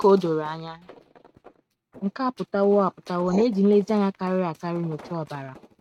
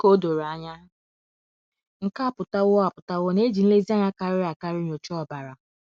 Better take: second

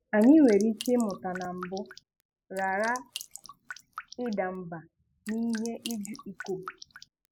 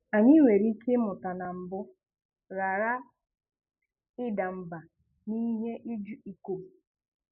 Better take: second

